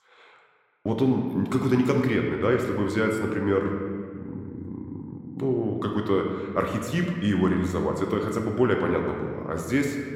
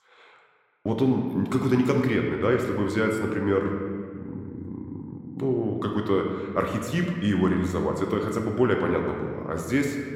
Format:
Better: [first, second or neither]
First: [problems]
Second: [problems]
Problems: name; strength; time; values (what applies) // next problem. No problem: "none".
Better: neither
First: room echo; slight; dies away in 1.6 s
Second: room echo; slight; dies away in 1.6 s